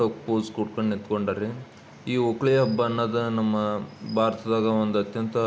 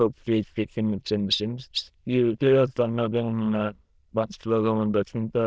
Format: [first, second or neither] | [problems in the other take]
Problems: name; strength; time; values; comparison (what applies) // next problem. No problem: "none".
first | noise reduction (neural diffusion model UNIVERSE++)